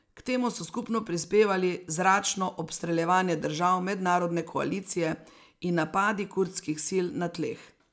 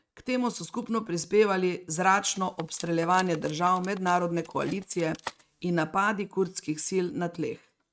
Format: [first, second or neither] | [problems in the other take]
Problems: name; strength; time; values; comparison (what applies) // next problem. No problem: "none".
first | noise reduction (neural mask model RNNoise)